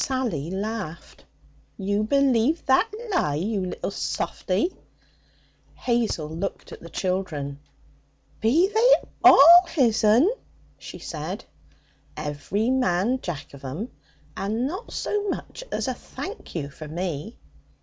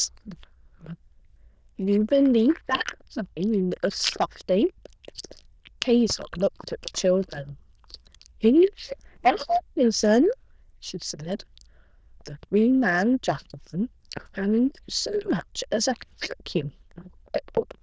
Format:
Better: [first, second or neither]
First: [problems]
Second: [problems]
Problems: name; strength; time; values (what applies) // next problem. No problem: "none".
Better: first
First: none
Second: noise reduction (neural diffusion model UNIVERSE++)